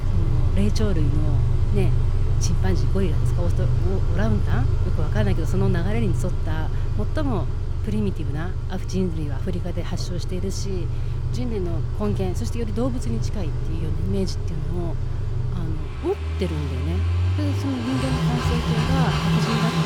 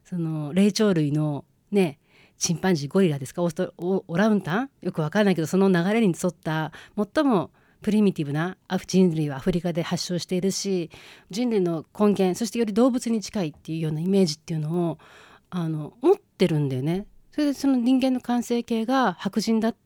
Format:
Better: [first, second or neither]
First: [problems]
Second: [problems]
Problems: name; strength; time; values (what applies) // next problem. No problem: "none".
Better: second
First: traffic noise; very loud; throughout; 5 dB above the speech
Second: none